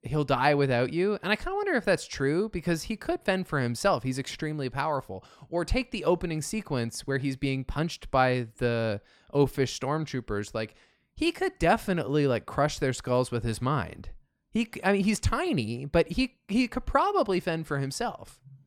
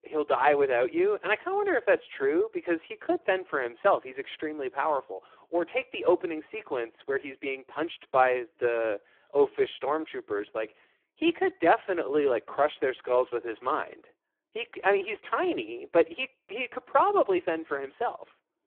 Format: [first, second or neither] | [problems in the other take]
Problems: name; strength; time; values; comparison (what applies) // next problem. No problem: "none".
first | phone-call audio; poor line